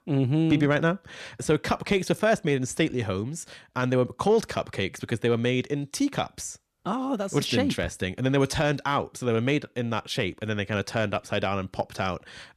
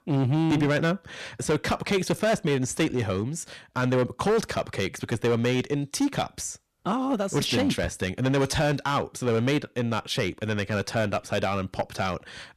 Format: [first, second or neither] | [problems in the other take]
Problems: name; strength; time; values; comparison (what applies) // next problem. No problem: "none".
first | distortion; slight; 9% of the sound clipped